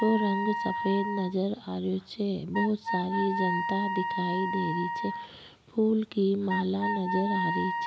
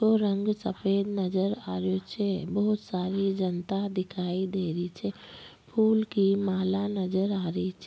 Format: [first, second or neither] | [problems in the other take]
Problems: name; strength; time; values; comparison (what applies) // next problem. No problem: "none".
second | background sound (Wind instrument, woodwind instrument); 4 dB below the speech